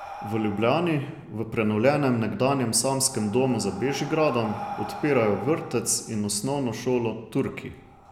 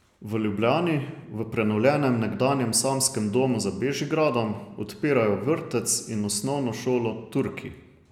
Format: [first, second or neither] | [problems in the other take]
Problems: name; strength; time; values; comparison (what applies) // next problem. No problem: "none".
second | background sound (Breathing); 15 dB below the speech